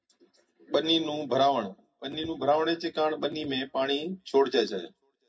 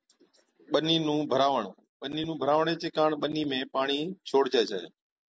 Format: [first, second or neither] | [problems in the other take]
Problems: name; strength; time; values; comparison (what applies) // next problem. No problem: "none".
second | room echo; dies away in 0.2 s